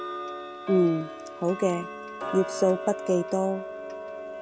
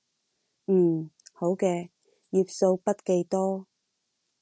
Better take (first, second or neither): second